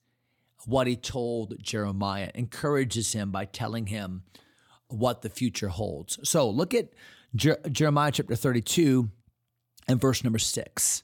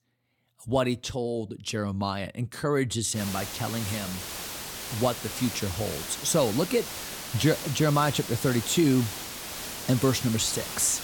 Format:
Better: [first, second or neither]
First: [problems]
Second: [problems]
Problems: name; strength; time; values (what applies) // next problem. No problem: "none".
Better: first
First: none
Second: hiss; loud; from 3 s on; 7 dB below the speech